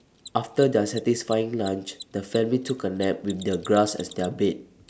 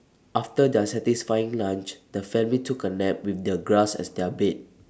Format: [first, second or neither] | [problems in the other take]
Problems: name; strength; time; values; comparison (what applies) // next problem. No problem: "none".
second | background sound (Mechanisms); 19 dB below the speech